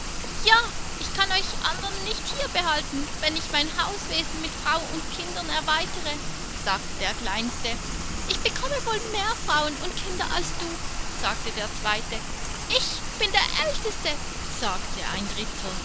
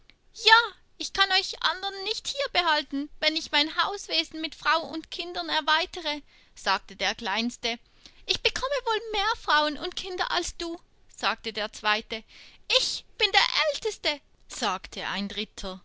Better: second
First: background sound (Rain); 2 dB below the speech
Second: none

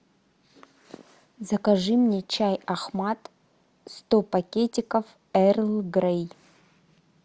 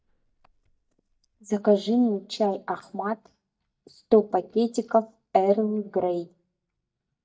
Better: first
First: none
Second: noise reduction (neural mask model DeepFilterNet 3)

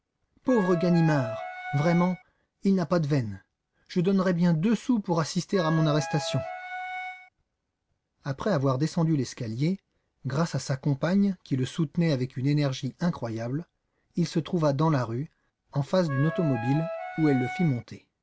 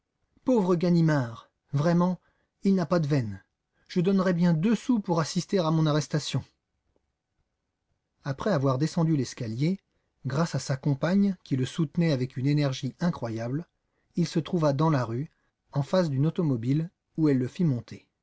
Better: second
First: background sound (Wind instrument, woodwind instrument); 8 dB below the speech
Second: none

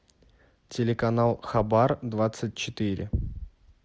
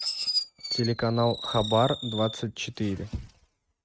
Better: first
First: none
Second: noise reduction (neural mask model RNNoise)

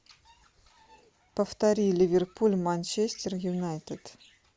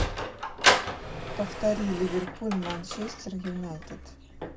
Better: first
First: none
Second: background sound (Sliding door); 2 dB above the speech // room echo; dies away in 0.4 s

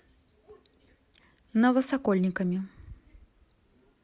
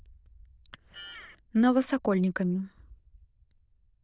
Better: first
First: none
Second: noise reduction (neural diffusion model UNIVERSE++)

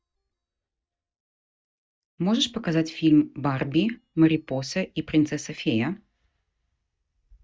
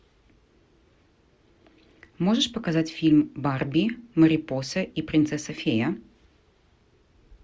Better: second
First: noise reduction (neural mask model DeepFilterNet 3)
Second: none

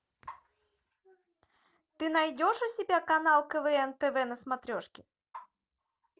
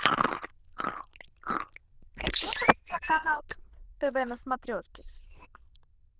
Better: first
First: none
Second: noise reduction (neural diffusion model UNIVERSE++)

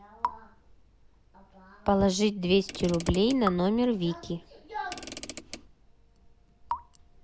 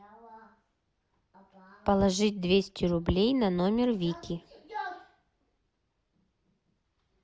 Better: second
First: background sound (Raindrop / Drip + Mechanisms / Car); 12 dB below the speech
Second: none

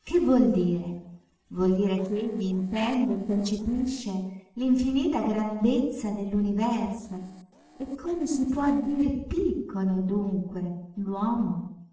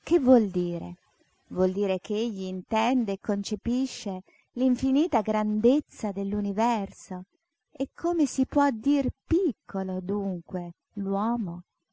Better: second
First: noise reduction (neural separator model SepFormer DNS4)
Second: none

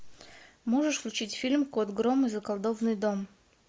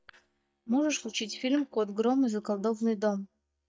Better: first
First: none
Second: noise reduction (neural mask model DeepFilterNet 3)

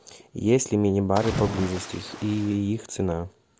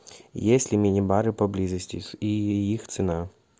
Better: second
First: background sound (Splash, splatter); 9 dB below the speech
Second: none

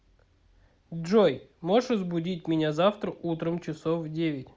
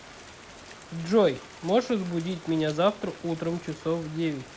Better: first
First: none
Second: background sound (Rain); 18 dB below the speech

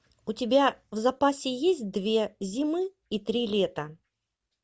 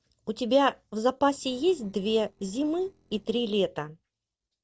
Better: first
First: none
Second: noise reduction (neural separator model SepFormer DNS4)

